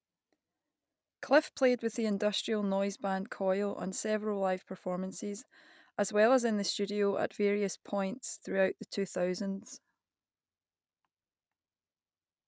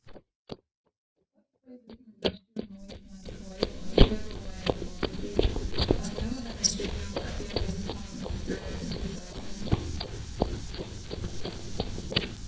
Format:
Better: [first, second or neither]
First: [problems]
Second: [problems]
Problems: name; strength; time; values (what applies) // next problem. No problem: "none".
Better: first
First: none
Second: noise reduction (neural mask model DeepFilterNet 3)